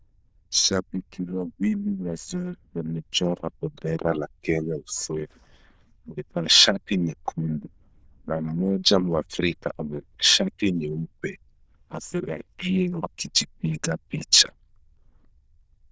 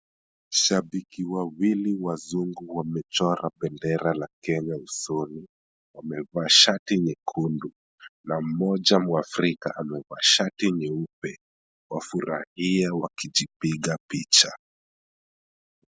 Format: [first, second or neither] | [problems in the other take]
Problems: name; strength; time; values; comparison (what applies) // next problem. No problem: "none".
second | noise reduction (neural diffusion model UNIVERSE++)